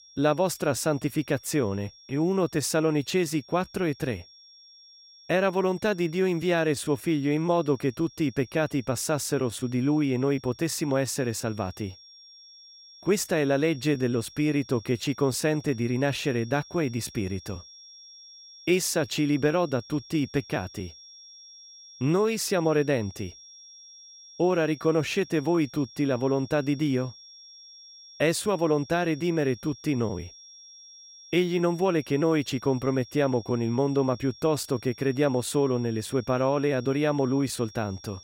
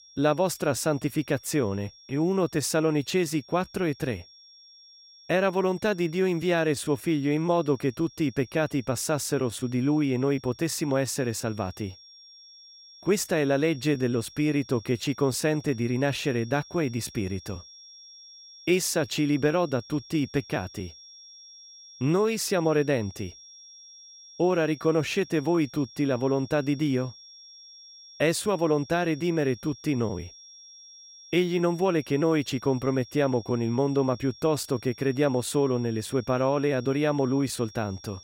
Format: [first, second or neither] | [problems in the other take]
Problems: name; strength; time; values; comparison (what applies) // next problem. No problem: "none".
neither | high-pitched whine; faint; throughout; 5.5 kHz, 20 dB below the speech; the same in both